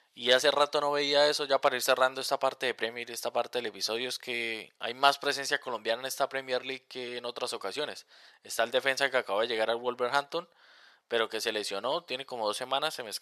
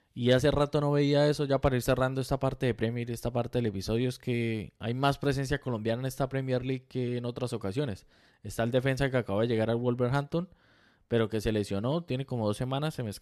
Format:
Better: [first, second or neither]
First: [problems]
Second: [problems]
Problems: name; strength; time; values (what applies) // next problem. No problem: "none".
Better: second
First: thin; very; fading below 800 Hz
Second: none